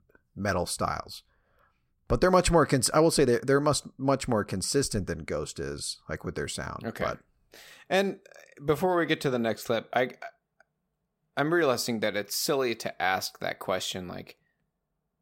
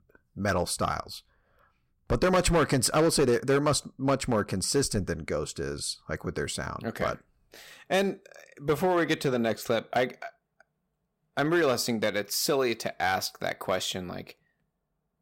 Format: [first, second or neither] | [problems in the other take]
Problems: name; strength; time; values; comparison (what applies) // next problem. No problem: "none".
first | distortion; slight; 3% of the sound clipped